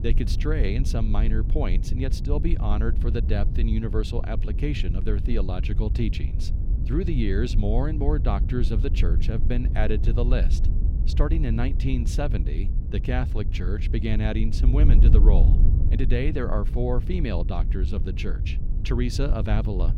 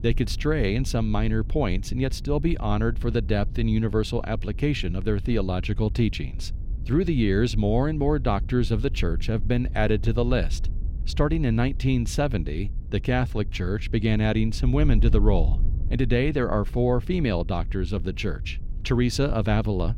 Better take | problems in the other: second | wind noise on the microphone; heavy; 9 dB below the speech; occasional gusts in the second

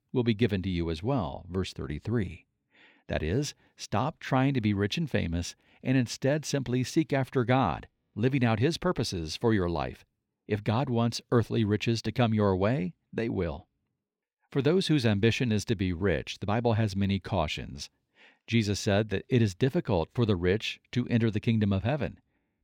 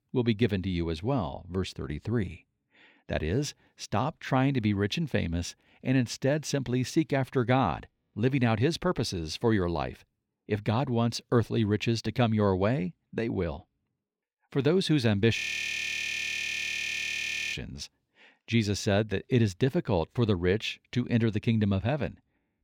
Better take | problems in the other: first | audio freezing; at 15 s for 2 s

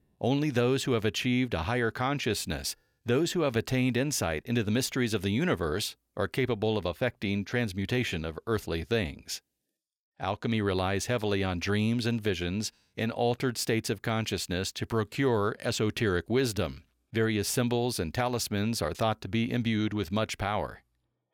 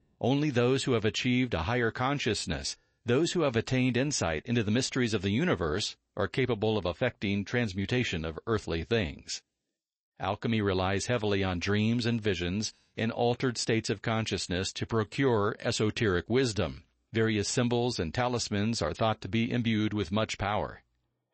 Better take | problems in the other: first | garbled, watery; slightly; nothing above 8 kHz

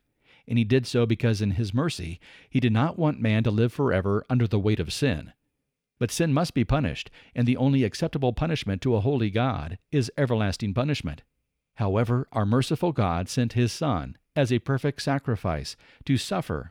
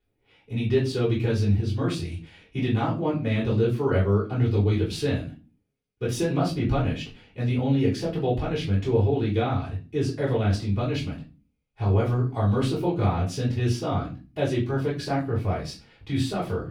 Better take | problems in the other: first | off-mic speech; far // room echo; slight; dies away in 0.3 s

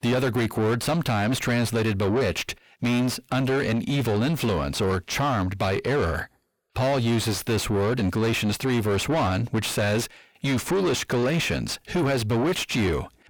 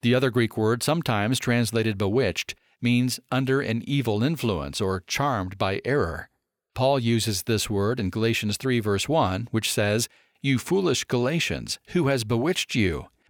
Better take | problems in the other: second | distortion; heavy; 6 dB below the speech

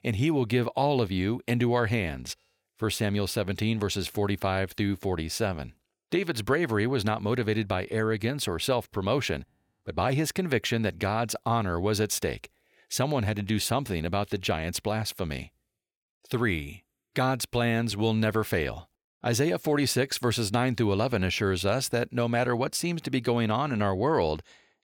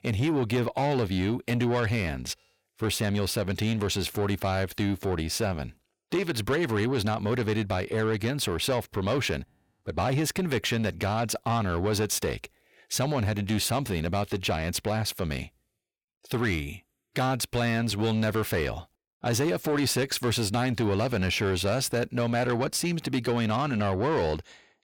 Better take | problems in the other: first | distortion; slight; 10 dB below the speech

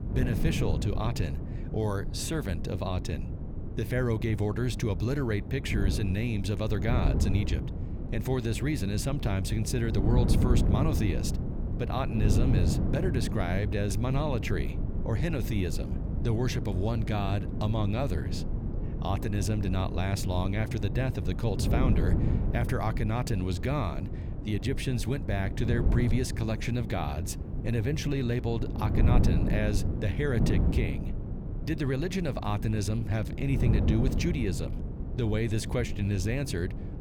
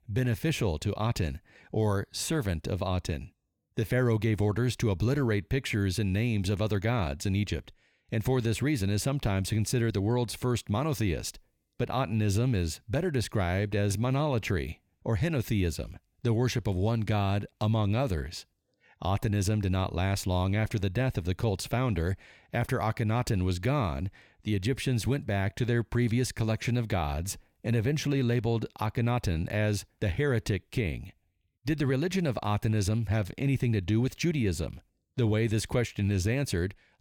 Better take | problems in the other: second | wind noise on the microphone; heavy; 7 dB below the speech

